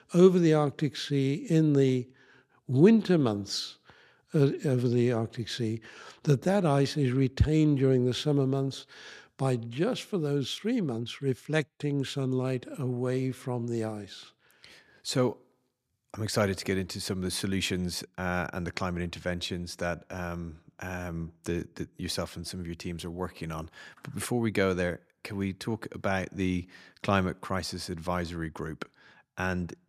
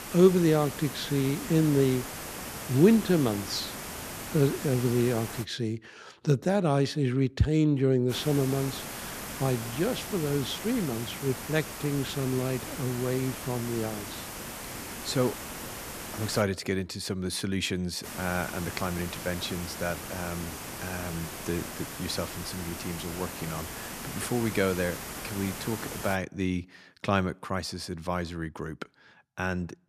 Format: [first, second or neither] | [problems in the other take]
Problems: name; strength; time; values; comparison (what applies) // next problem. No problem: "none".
first | hiss; loud; until 5.5 s, from 8 to 16 s and from 18 to 26 s; 8 dB below the speech